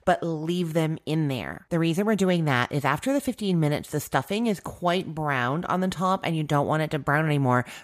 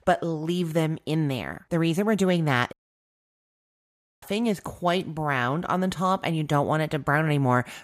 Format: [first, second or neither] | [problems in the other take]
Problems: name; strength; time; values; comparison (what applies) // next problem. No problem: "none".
first | audio cutting out; at 2.5 s for 1.5 s